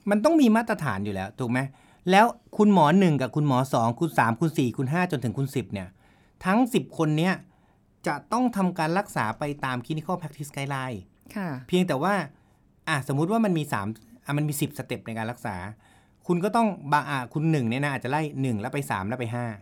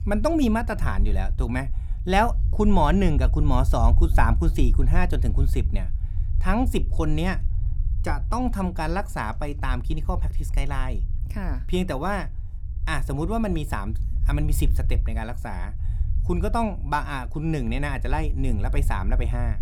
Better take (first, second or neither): first